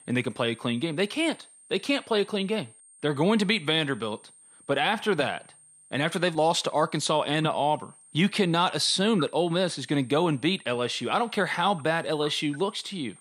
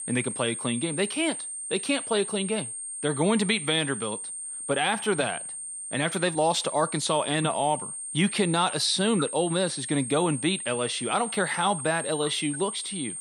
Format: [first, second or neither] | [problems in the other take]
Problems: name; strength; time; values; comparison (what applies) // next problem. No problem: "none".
first | high-pitched whine; loud; throughout; 8.5 kHz, 6 dB below the speech; faint in the first